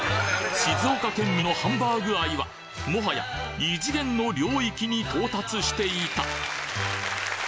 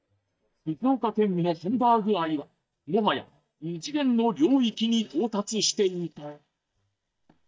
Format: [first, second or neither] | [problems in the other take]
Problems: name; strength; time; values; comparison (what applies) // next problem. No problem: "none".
first | noise reduction (neural mask model DeepFilterNet 3)